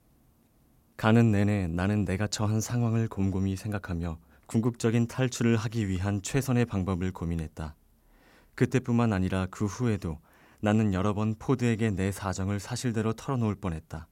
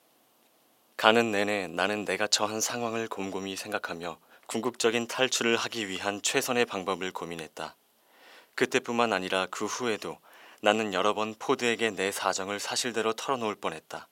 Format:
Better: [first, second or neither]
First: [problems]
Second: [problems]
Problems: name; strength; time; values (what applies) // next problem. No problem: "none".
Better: first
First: none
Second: thin; very; fading below 550 Hz